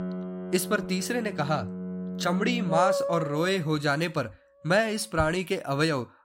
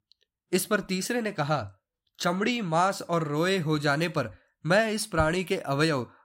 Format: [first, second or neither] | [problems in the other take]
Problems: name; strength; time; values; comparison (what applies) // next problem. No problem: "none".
second | background music; loud; until 4.5 s; 5 dB below the speech